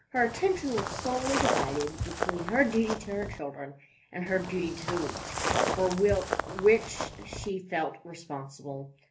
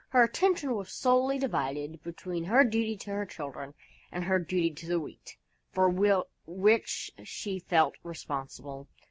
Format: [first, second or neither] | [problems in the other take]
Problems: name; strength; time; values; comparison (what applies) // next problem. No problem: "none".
second | background sound (Walk, footsteps); 3 dB below the speech // room echo; dies away in 0.3 s